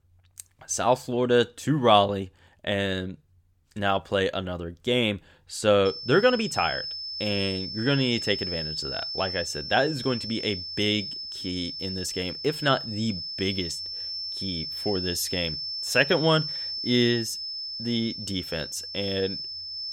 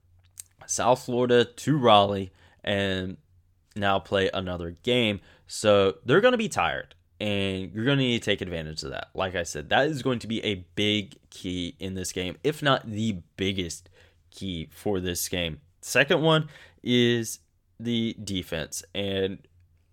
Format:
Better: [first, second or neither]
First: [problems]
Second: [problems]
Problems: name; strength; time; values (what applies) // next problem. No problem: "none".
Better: second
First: high-pitched whine; loud; from 6 s on; 5.5 kHz, 5 dB below the speech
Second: none